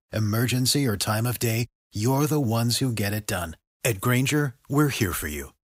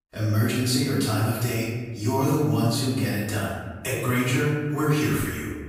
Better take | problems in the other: first | off-mic speech; far // room echo; strong; dies away in 1.2 s

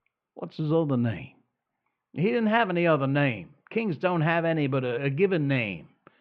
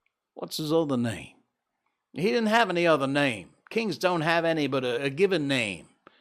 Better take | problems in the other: second | muffled; very; fading above 2.5 kHz

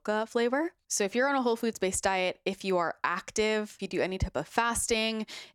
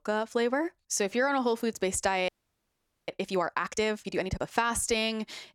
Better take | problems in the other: first | audio freezing; at 2.5 s for 1 s

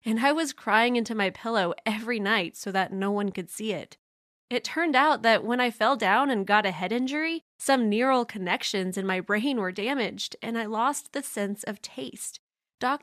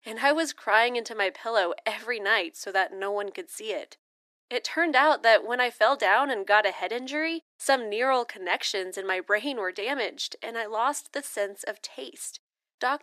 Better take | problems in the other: first | thin; somewhat; fading below 300 Hz

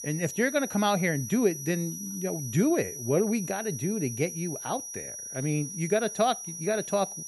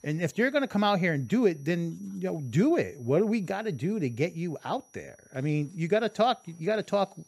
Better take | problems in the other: second | high-pitched whine; loud; throughout; 6 kHz, 8 dB below the speech; faint in the second

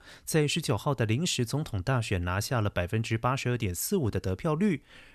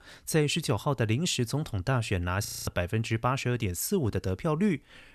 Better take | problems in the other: first | audio freezing; at 2.5 s

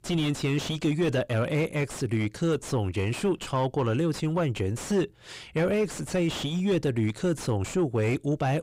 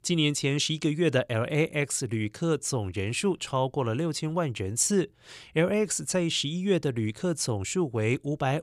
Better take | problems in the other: second | distortion; heavy; 7 dB below the speech

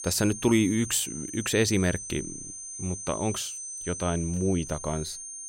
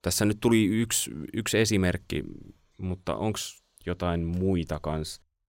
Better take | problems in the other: second | high-pitched whine; loud; throughout; 6 kHz, 8 dB below the speech

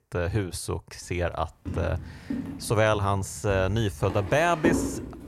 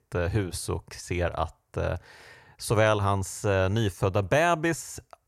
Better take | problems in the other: second | footsteps; loud; from 1.5 s on; peak 1 dB above the speech

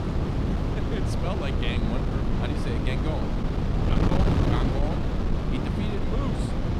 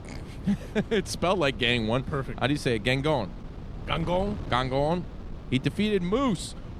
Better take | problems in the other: second | wind noise on the microphone; heavy; 4 dB above the speech; occasional gusts in the second

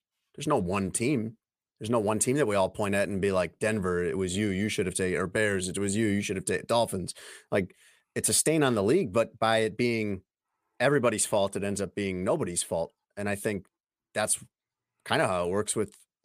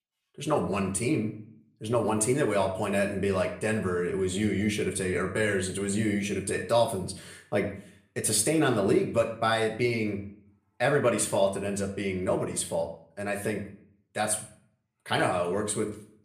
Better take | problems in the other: first | room echo; slight; dies away in 0.5 s // off-mic speech; somewhat distant

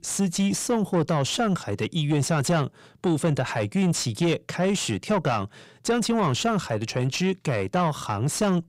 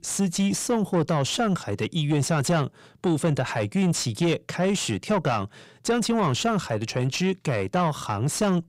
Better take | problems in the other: neither | distortion; slight; 10 dB below the speech; the same in both

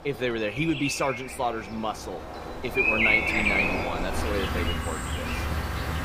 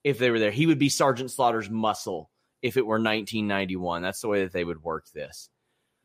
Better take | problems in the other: second | animal sounds; very loud; throughout; 5 dB above the speech

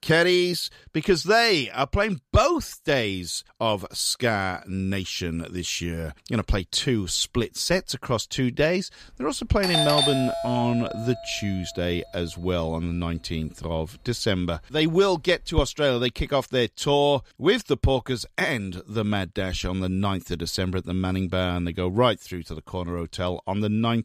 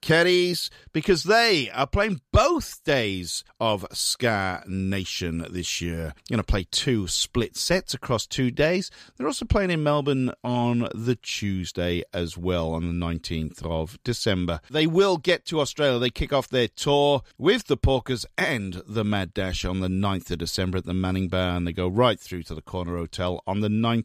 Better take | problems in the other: second | doorbell; loud; from 9.5 to 16 s; peak 5 dB above the speech

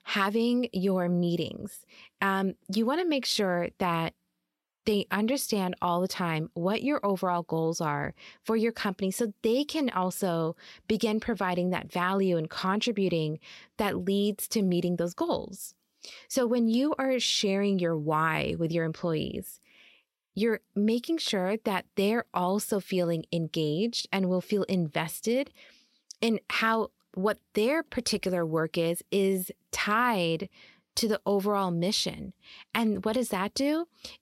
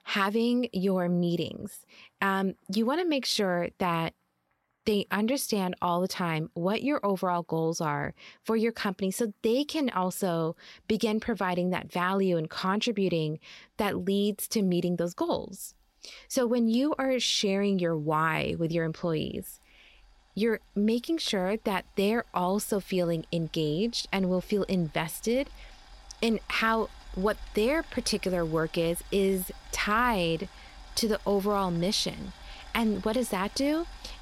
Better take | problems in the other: first | household noises; faint; throughout; 20 dB below the speech

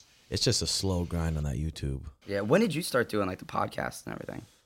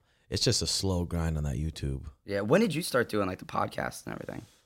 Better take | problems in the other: second | hiss; faint; until 1.5 s and from 2 to 3.5 s; 30 dB below the speech

